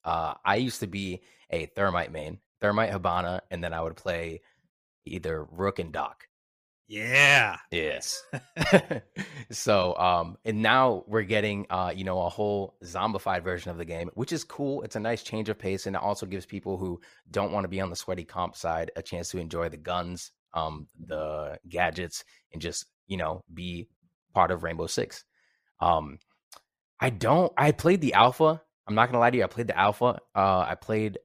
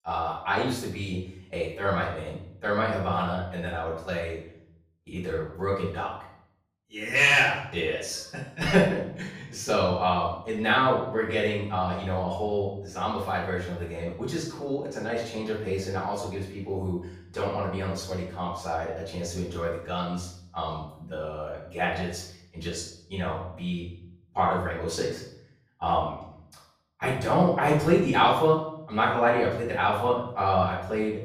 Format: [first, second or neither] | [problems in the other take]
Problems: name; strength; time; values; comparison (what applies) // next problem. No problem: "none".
first | off-mic speech; far // room echo; noticeable; dies away in 0.6 s